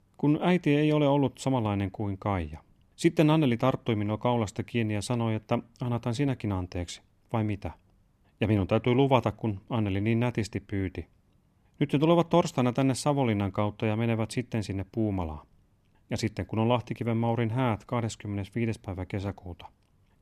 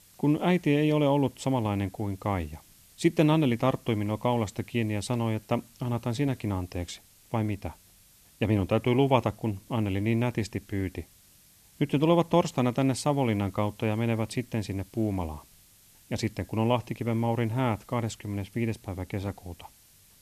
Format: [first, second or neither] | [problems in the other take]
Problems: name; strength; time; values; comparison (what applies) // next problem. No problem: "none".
first | hiss; faint; throughout; 25 dB below the speech